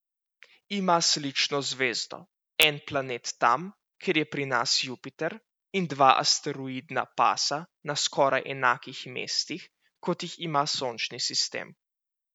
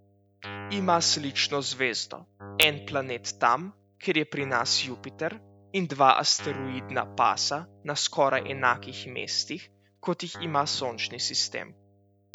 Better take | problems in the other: first | background sound (Guitar); 17 dB below the speech

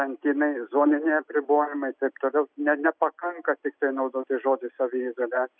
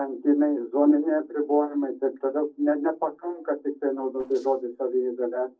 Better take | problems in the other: first | noise reduction (neural separator model SepFormer DNS4)

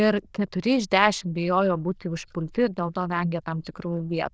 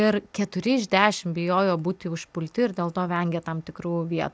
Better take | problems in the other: second | noise reduction (neural diffusion model UNIVERSE++)

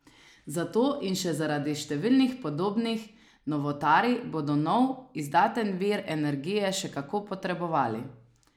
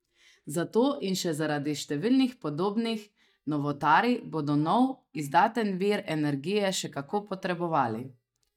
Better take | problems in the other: first | noise reduction (neural mask model DeepFilterNet 3)

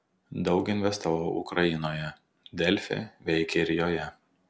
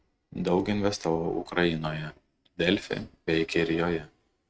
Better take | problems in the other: first | noise reduction (neural mask model RNNoise)

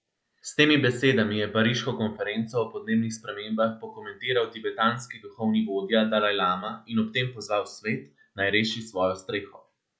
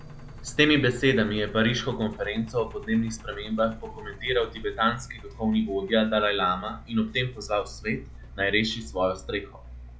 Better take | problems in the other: first | background sound (Engine); 15 dB below the speech

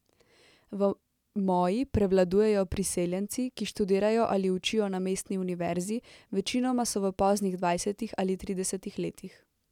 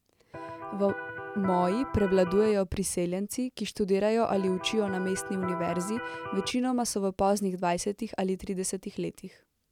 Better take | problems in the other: first | background sound (Electric guitar); 9 dB below the speech

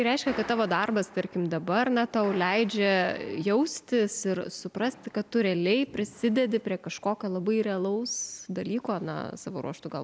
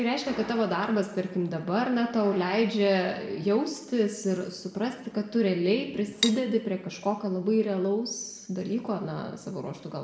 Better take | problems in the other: first | background sound (Cutlery, silverware); 5 dB below the speech // room echo; dies away in 0.8 s

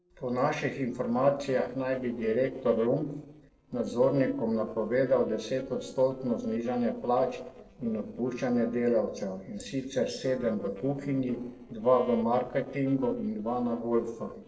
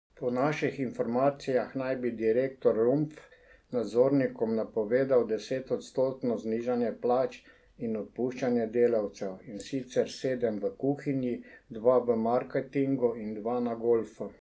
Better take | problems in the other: second | noise reduction (neural separator model SepFormer DNS4)

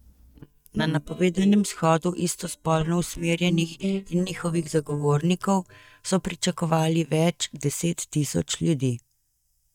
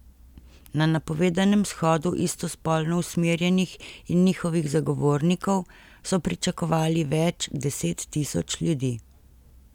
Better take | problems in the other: second | noise reduction (neural mask model DeepFilterNet 3)

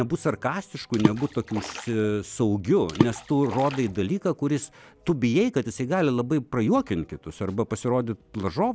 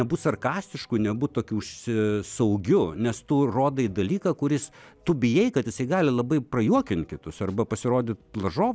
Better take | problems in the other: second | background sound (Water / Splash, splatter); 5 dB below the speech

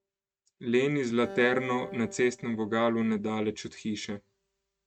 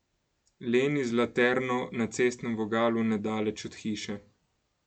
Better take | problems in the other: second | noise reduction (neural mask model RNNoise)

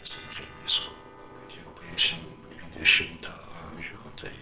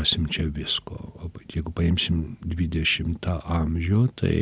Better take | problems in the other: second | noise reduction (neural separator model SepFormer WHAMR!)

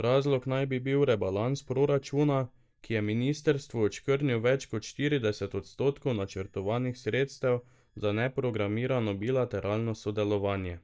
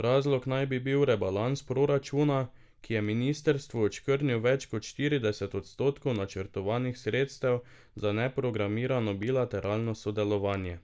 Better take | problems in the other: second | noise reduction (neural mask model DeepFilterNet 3)

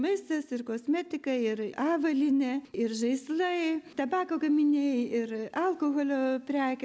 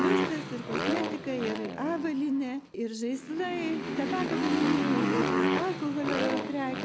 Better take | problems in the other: first | background sound (Motorcycle); 1 dB above the speech

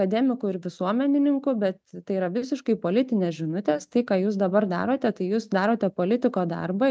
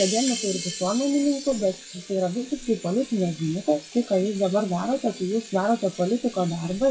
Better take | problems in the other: first | noise reduction (classical method WPE with log-MMSE)

